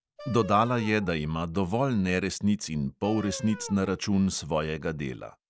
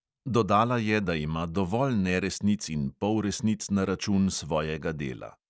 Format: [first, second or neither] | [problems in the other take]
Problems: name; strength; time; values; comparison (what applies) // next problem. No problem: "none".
second | background sound (Wind instrument, woodwind instrument); 19 dB below the speech